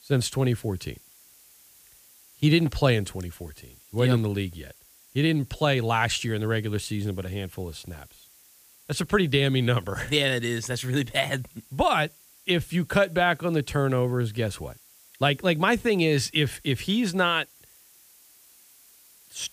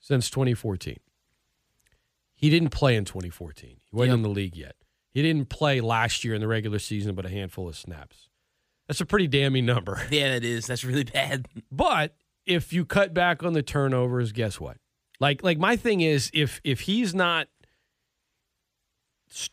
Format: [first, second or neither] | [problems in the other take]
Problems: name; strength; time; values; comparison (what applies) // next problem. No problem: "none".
second | hiss; faint; throughout; 25 dB below the speech